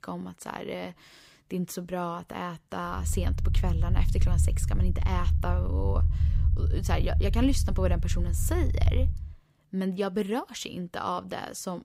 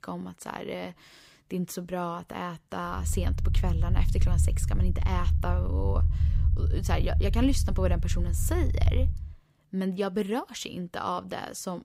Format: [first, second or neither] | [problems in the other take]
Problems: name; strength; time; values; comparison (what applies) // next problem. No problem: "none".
neither | low rumble; noticeable; from 3 to 9 s; 10 dB below the speech; the same in both